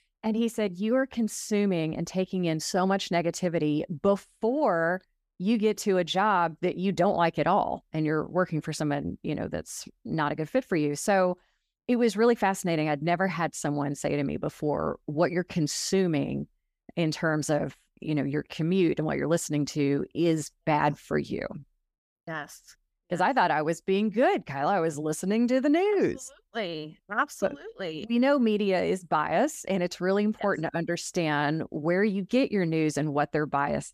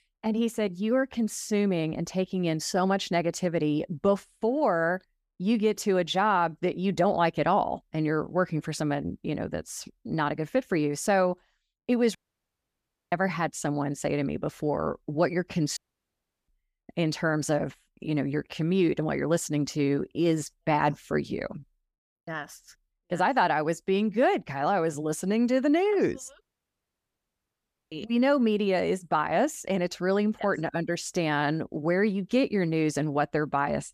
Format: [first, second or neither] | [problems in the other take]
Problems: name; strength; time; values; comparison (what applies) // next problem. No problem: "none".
first | audio cutting out; at 12 s for 1 s, at 16 s for 0.5 s and at 26 s for 1.5 s